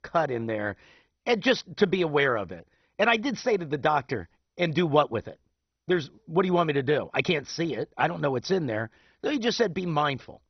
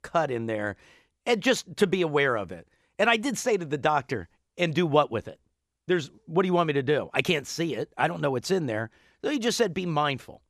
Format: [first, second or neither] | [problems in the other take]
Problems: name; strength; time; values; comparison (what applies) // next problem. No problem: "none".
second | garbled, watery; badly; nothing above 6 kHz